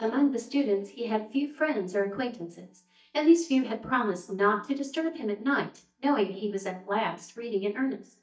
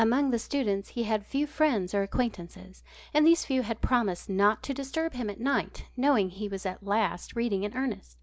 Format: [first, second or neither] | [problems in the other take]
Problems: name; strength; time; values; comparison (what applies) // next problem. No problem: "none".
second | noise reduction (neural mask model DeepFilterNet 3)